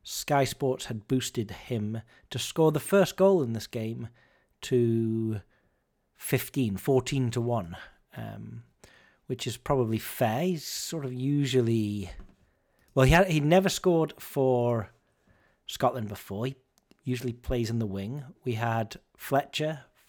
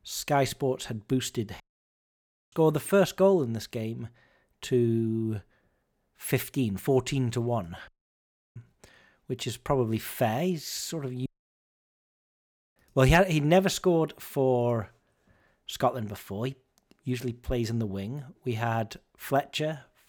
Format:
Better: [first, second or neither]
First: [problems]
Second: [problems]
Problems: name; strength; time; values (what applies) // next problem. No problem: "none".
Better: first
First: none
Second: audio cutting out; at 1.5 s for 1 s, at 8 s for 0.5 s and at 11 s for 1.5 s